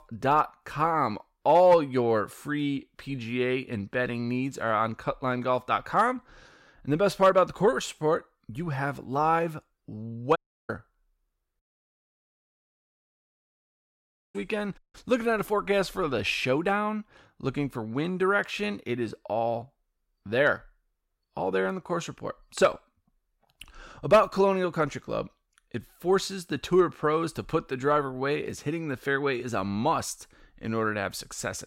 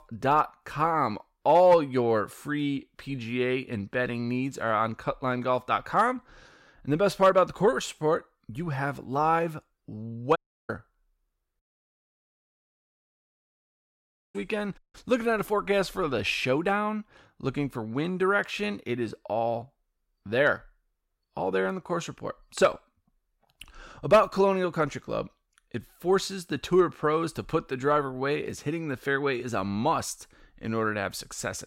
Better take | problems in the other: neither | audio cutting out; at 10 s, at 12 s for 2.5 s and at 15 s; the same in both

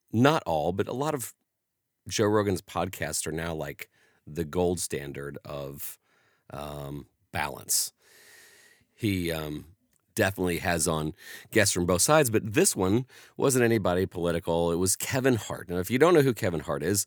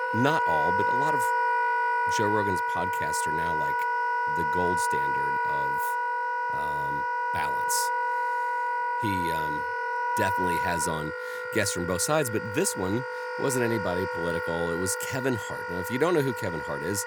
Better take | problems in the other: first | background music; very loud; throughout; 2 dB above the speech

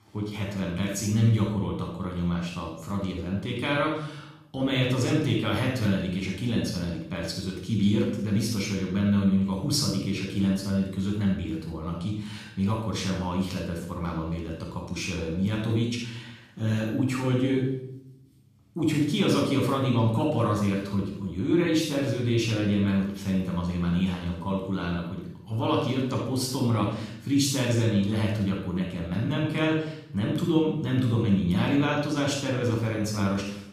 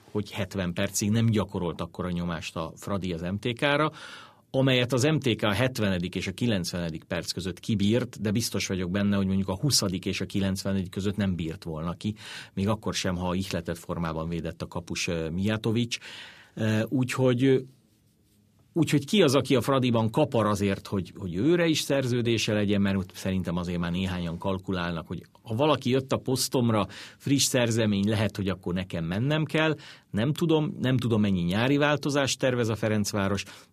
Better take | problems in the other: second | off-mic speech; far // room echo; noticeable; dies away in 0.7 s

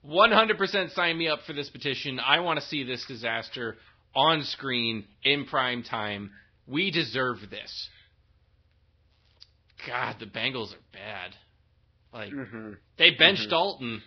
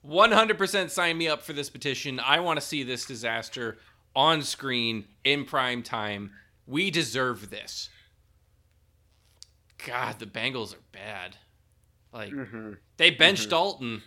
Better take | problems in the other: second | garbled, watery; badly; nothing above 5.5 kHz

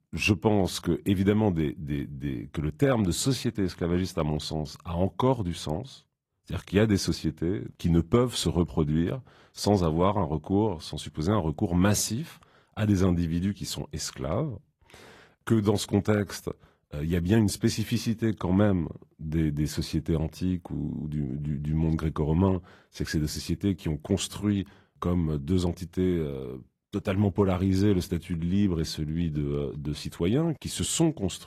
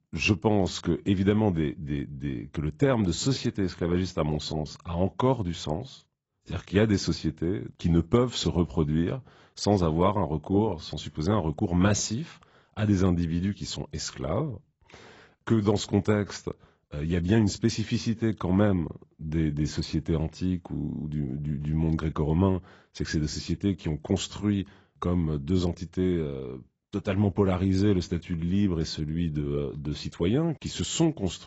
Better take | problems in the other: first | garbled, watery; badly; nothing above 7.5 kHz; slightly in the first

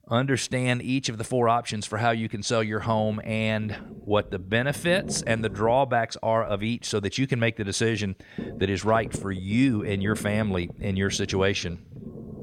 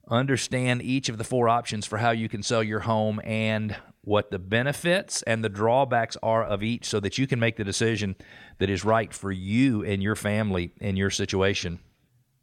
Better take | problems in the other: second | low rumble; noticeable; from 3 to 6 s and from 8.5 s on; 20 dB below the speech

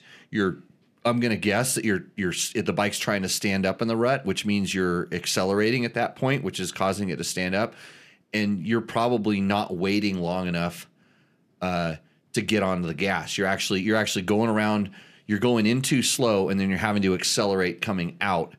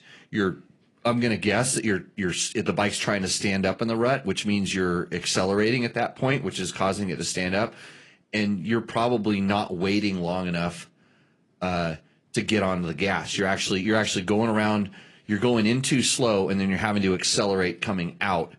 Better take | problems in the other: first | garbled, watery; slightly; nothing above 10.5 kHz

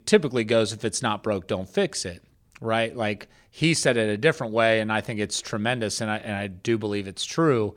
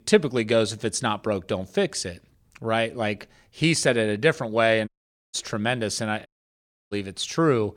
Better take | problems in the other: first | audio cutting out; at 5 s and at 6.5 s for 0.5 s

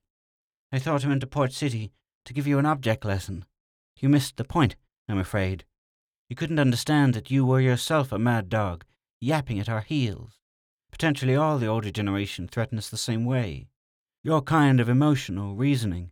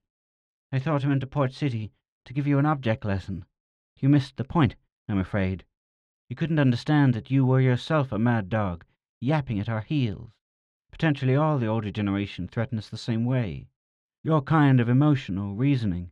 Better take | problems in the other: first | muffled; very slightly; fading above 3.5 kHz

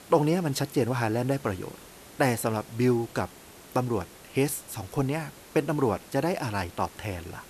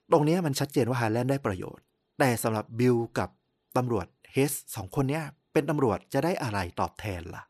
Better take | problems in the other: second | hiss; noticeable; throughout; 20 dB below the speech

